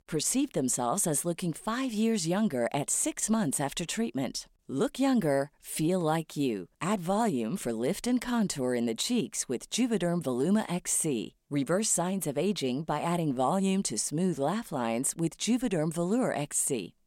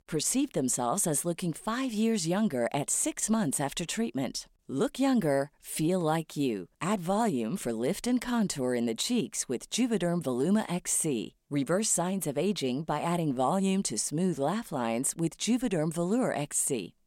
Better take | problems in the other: neither | none

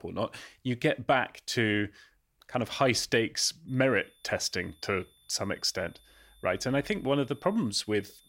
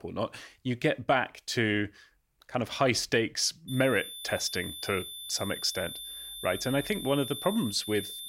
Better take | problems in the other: first | high-pitched whine; loud; from 3.5 s on; 3.5 kHz, 9 dB below the speech; faint in the first

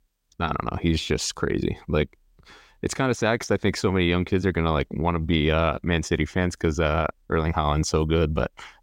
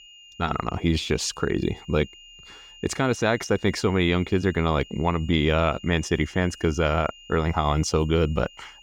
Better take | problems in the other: first | high-pitched whine; faint; throughout; 3 kHz, 20 dB below the speech

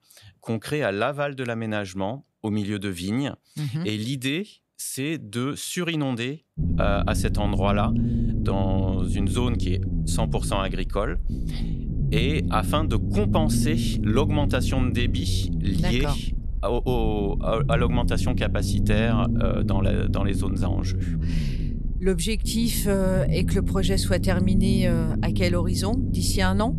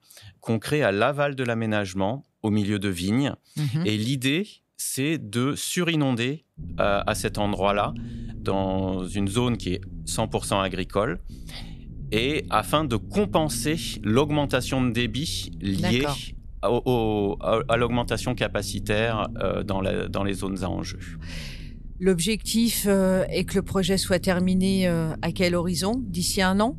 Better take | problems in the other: second | low rumble; loud; from 6.5 s on; 7 dB below the speech; faint in the second

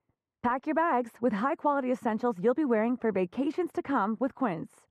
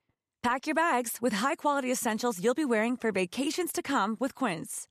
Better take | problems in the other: second | muffled; very; fading above 3 kHz

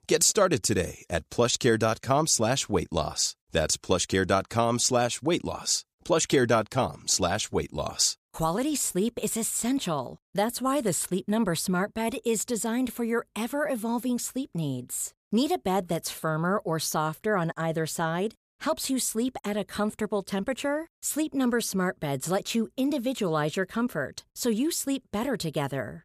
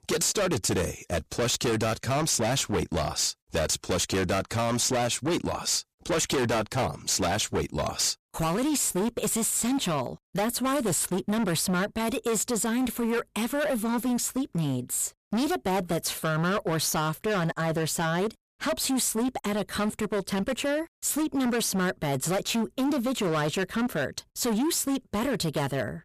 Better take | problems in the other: first | distortion; heavy; 23% of the sound clipped

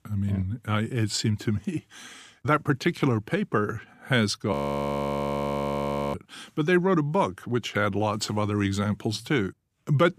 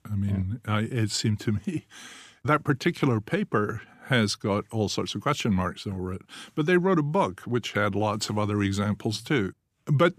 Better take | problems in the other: second | audio freezing; at 4.5 s for 1.5 s

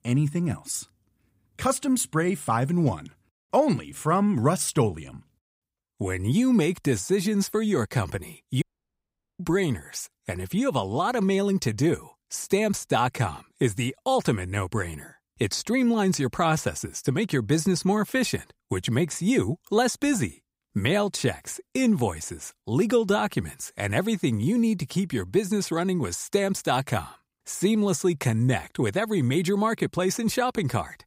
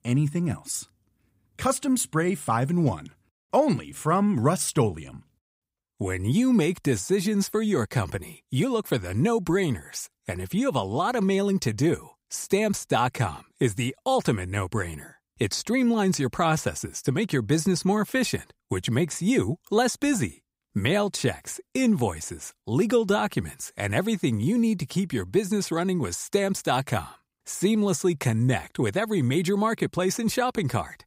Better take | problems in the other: second | audio cutting out; at 8.5 s for 1 s

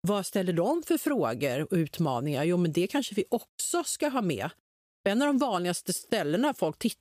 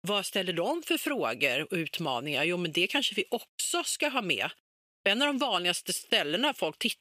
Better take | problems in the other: first | thin; very slightly; fading below 800 Hz

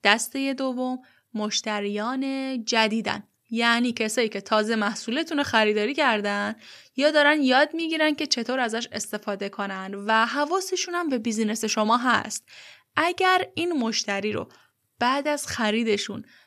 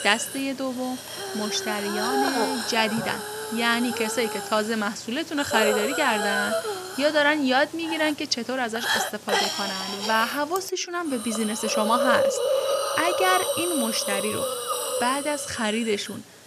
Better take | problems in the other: first | hiss; loud; throughout; 2 dB below the speech

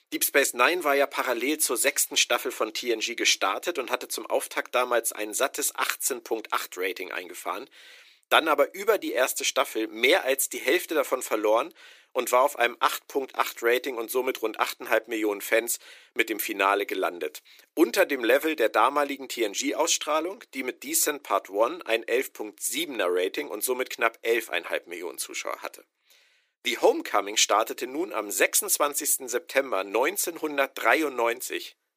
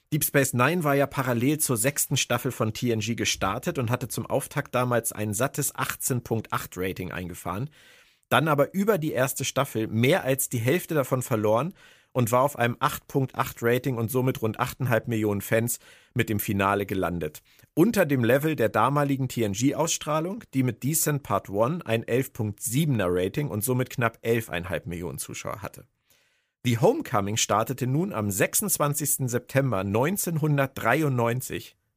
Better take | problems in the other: second | thin; very; fading below 350 Hz

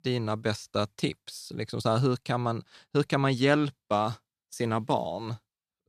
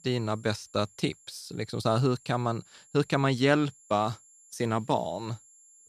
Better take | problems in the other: first | high-pitched whine; faint; throughout; 7.5 kHz, 25 dB below the speech

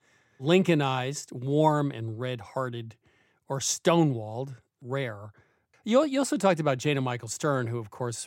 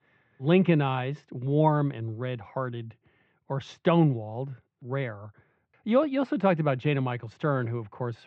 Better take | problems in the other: first | muffled; very; fading above 3 kHz

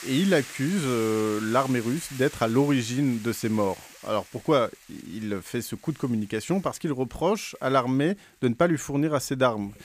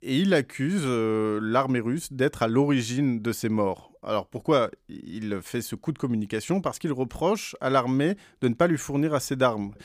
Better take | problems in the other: second | hiss; noticeable; throughout; 15 dB below the speech

